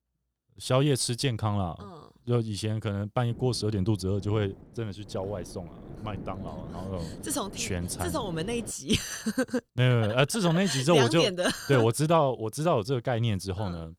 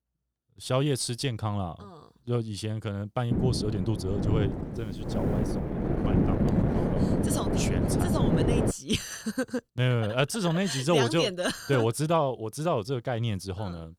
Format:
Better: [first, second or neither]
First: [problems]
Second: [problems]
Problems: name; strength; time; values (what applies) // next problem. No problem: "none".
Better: first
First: wind noise on the microphone; occasional gusts; from 3.5 to 8.5 s; 20 dB below the speech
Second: wind noise on the microphone; heavy; from 3.5 to 8.5 s; 2 dB below the speech